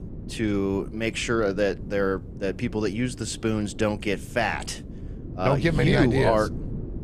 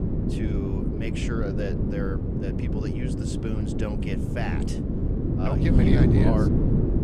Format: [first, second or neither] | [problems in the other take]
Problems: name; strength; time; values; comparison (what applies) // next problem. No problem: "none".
first | wind noise on the microphone; heavy; 2 dB above the speech; occasional gusts in the first